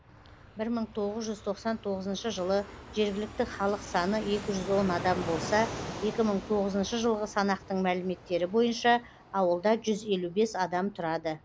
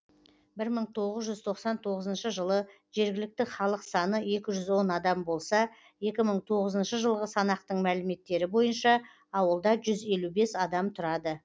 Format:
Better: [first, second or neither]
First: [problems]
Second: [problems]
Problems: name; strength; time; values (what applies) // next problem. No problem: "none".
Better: second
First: background sound (Fixed-wing aircraft, airplane); 13 dB below the speech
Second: none